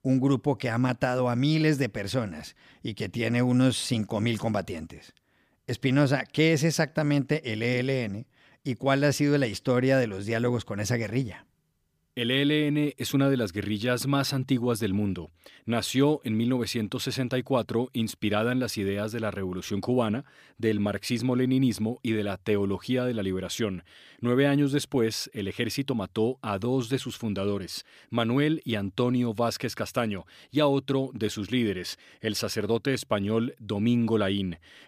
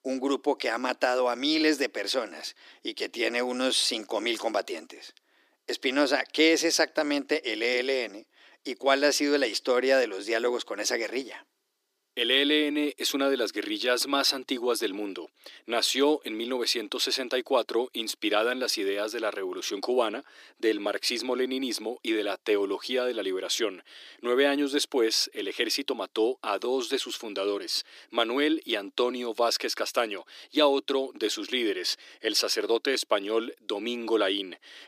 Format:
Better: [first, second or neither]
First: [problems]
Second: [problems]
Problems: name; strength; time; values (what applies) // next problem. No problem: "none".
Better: first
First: none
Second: thin; somewhat; fading below 300 Hz